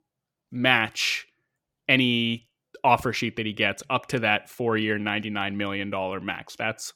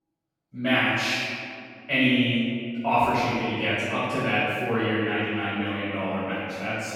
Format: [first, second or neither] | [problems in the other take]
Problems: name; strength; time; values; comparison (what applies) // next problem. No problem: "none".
first | off-mic speech; far // room echo; strong; dies away in 2 s